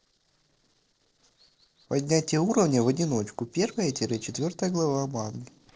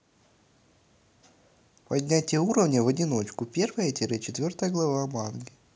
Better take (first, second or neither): second